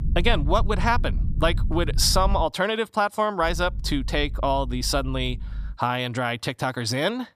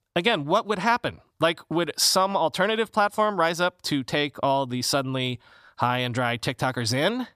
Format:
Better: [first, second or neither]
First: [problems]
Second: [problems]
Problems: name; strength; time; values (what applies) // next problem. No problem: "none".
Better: second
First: low rumble; faint; until 2.5 s and from 3.5 to 5.5 s; 20 dB below the speech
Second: none